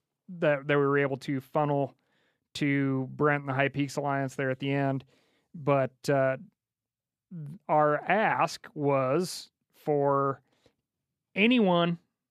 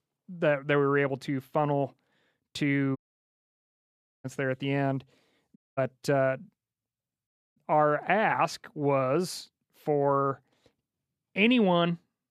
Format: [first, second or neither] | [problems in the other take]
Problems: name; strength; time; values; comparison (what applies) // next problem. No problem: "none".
first | audio cutting out; at 3 s for 1.5 s, at 5.5 s and at 7.5 s